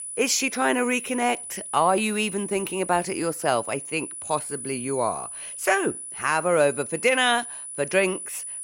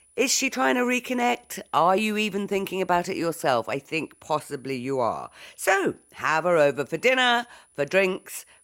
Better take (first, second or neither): second